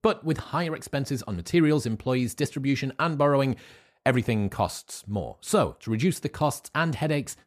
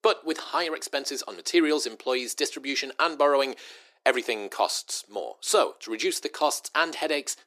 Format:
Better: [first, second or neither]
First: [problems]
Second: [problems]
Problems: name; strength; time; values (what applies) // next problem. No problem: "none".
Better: first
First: none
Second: thin; very; fading below 350 Hz